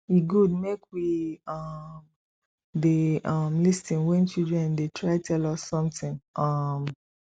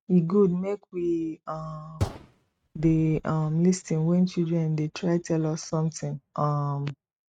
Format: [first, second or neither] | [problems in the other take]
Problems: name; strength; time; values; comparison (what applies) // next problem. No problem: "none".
first | noise reduction (neural mask model RNNoise)